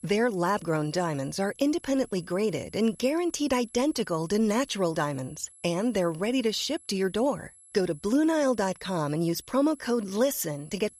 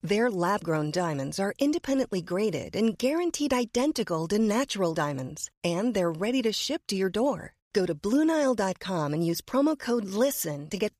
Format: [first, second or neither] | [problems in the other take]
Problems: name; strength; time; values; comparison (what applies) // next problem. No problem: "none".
second | high-pitched whine; faint; throughout; 11 kHz, 25 dB below the speech